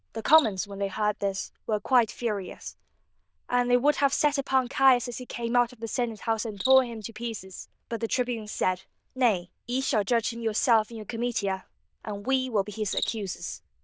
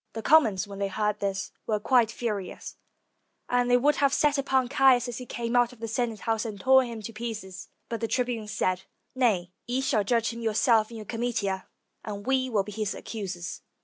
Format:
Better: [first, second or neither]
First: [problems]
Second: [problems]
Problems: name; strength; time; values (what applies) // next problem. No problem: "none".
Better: second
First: noise reduction (neural diffusion model UNIVERSE++)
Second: none